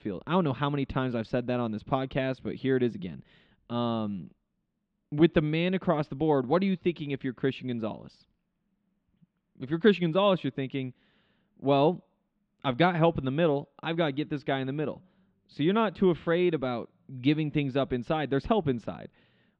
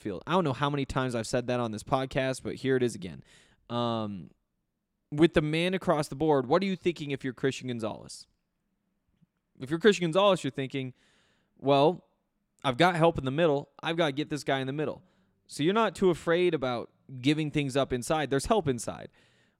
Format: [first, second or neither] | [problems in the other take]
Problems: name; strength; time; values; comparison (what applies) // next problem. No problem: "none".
second | muffled; slightly; fading above 3.5 kHz